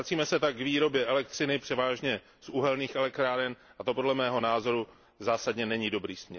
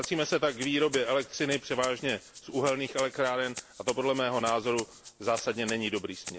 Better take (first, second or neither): first